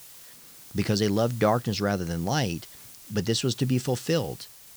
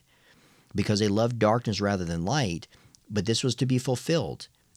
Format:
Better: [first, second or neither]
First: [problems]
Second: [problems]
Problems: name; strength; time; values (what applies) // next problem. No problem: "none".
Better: second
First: hiss; noticeable; throughout; 20 dB below the speech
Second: none